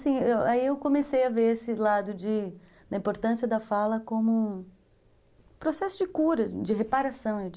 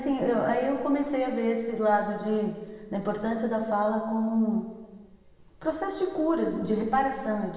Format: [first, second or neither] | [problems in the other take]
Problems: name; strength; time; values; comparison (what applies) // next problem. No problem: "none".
first | room echo; dies away in 1.4 s